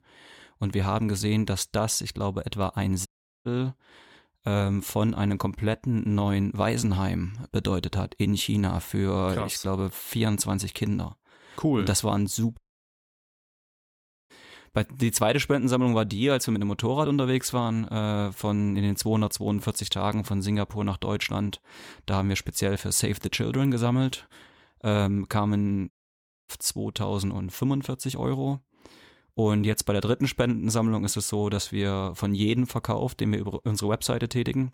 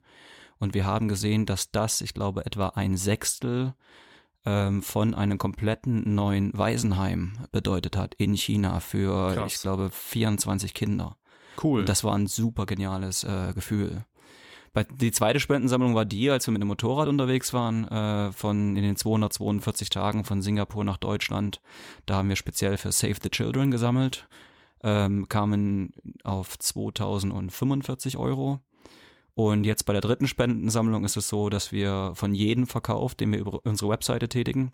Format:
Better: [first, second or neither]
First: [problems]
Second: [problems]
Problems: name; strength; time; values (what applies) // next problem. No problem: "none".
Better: second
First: audio cutting out; at 3 s, at 13 s for 1.5 s and at 26 s for 0.5 s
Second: none